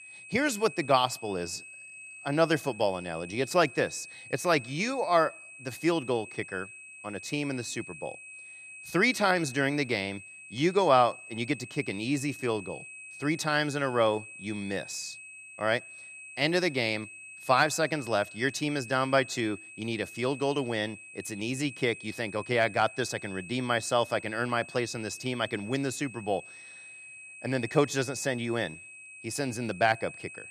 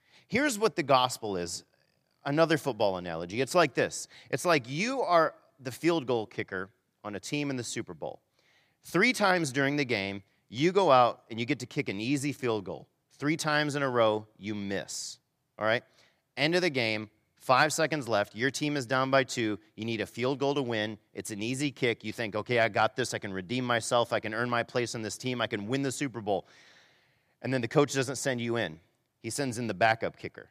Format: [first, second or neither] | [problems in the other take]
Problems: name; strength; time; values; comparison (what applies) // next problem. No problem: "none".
second | high-pitched whine; noticeable; throughout; 2.5 kHz, 15 dB below the speech